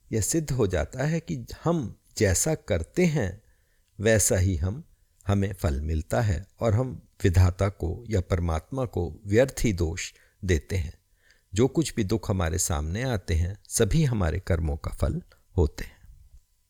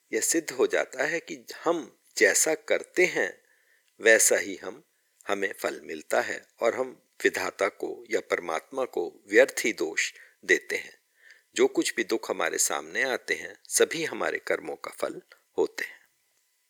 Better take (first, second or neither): first